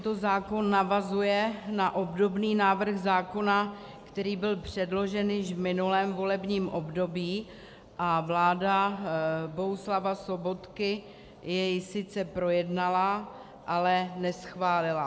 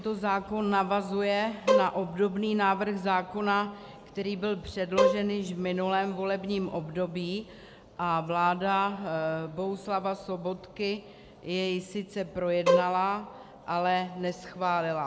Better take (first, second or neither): first